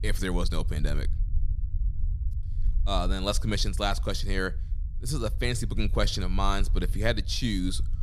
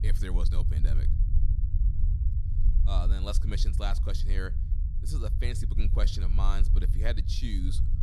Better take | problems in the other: first | low rumble; loud; throughout; 8 dB below the speech; faint in the first

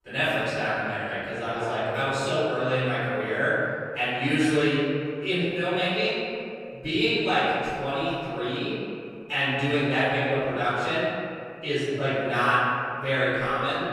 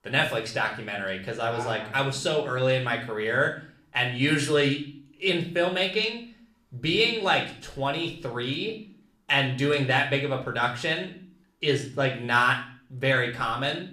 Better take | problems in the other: second | room echo; strong; dies away in 2.2 s; slight in the second // off-mic speech; far; somewhat distant in the second

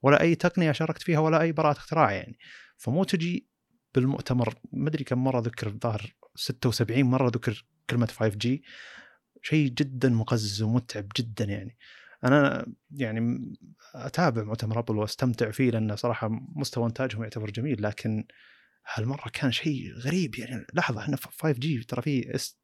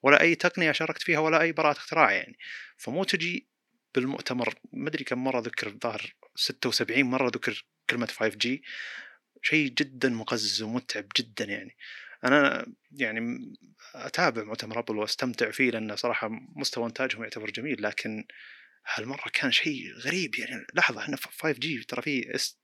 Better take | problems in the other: first | thin; very slightly; fading below 300 Hz

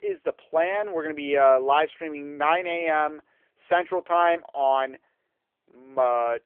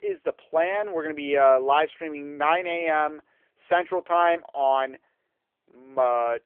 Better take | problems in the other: neither | phone-call audio; poor line; nothing above 3.5 kHz; the same in both

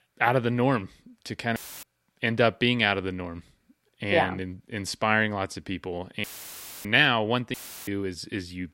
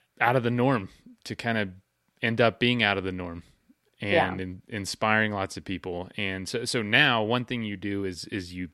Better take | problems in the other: second | audio cutting out; filled with static; at 1.5 s, at 6 s for 0.5 s and at 7.5 s

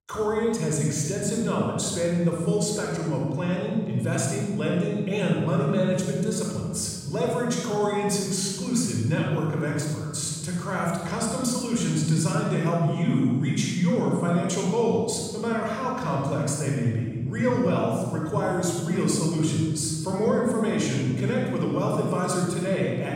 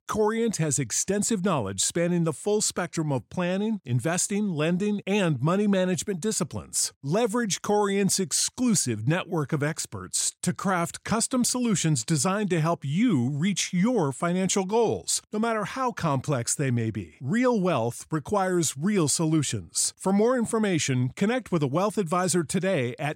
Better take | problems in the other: second | off-mic speech; somewhat distant // room echo; strong; dies away in 2.2 s

